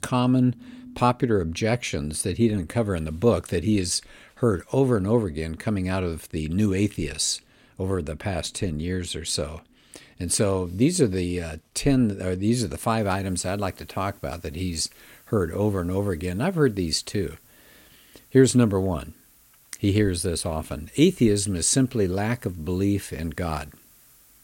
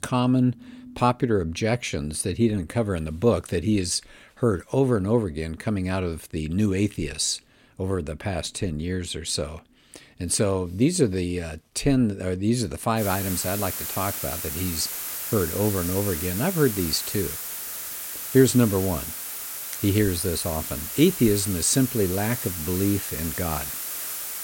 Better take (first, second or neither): first